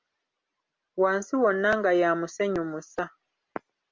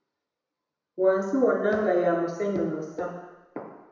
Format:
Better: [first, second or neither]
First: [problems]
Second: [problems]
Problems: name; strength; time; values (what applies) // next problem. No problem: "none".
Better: first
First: none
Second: room echo; dies away in 1 s